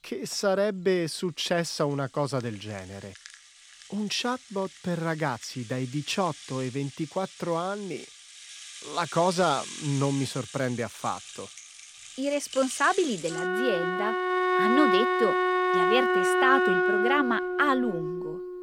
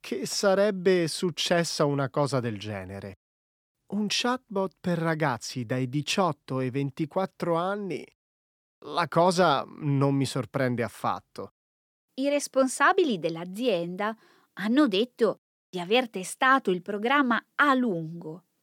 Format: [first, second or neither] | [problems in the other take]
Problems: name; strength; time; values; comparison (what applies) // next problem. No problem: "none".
second | background music; very loud; throughout; 1 dB above the speech